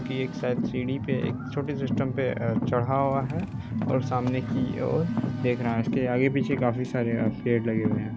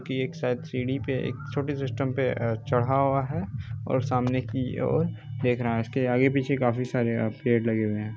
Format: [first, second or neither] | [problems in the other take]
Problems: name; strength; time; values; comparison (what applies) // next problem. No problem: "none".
second | background sound (Car); 4 dB below the speech